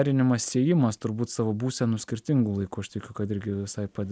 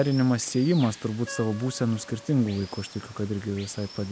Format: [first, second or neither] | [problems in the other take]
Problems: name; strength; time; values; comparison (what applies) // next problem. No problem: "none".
first | background sound (Water + Wind instrument, woodwind instrument); 18 dB below the speech